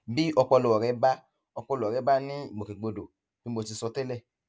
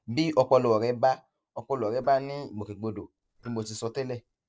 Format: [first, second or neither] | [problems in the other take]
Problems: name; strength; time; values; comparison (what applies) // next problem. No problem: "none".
first | noise reduction (neural separator model SepFormer DNS4)